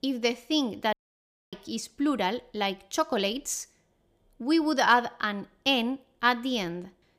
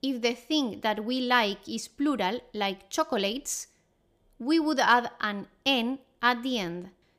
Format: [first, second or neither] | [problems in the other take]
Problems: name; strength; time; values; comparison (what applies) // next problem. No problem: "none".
second | audio cutting out; at 1 s for 0.5 s